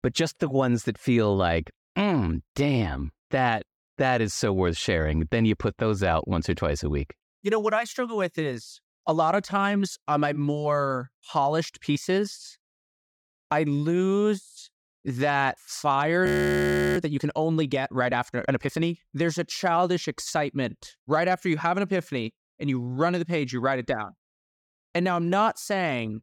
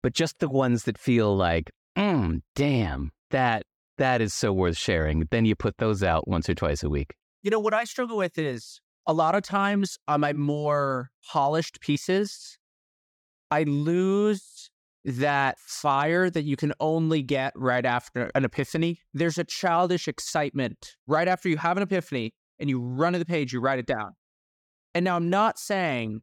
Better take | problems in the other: second | audio freezing; at 16 s for 0.5 s

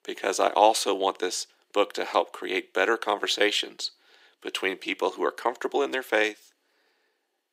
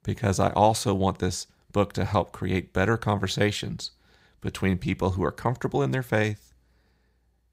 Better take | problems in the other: second | thin; very; fading below 300 Hz

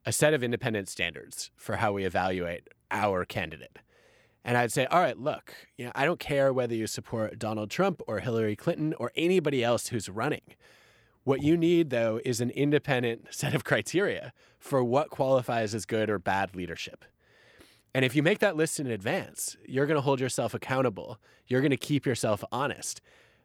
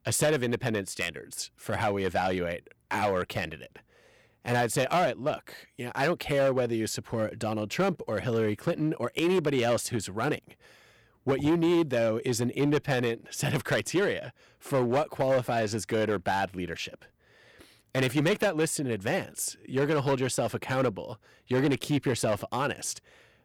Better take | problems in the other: first | distortion; slight; 5% of the sound clipped

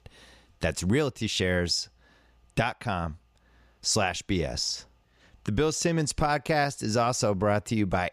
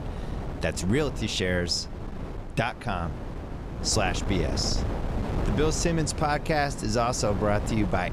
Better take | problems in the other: first | wind noise on the microphone; occasional gusts; 10 dB below the speech

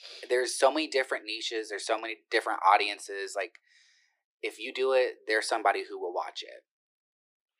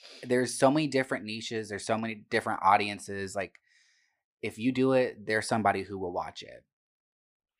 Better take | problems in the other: second | thin; very; fading below 350 Hz

